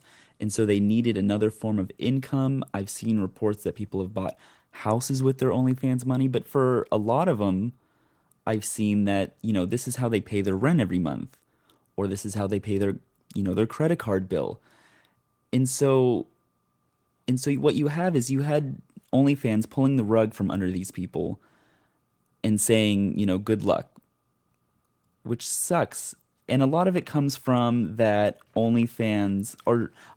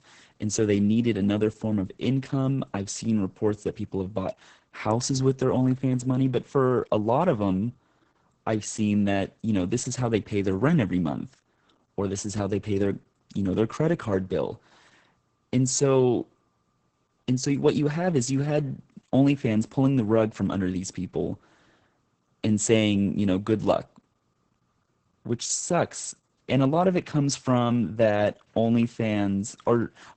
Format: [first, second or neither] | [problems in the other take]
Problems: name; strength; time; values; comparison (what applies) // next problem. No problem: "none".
first | garbled, watery; badly; nothing above 8 kHz; slightly in the first